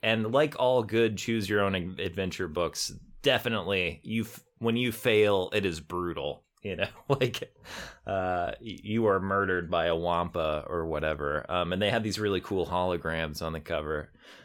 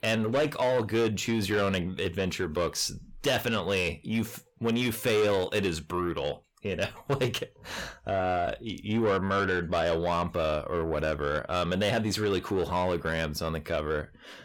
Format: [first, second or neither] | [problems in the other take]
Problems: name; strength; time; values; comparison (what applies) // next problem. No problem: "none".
first | distortion; slight; 10 dB below the speech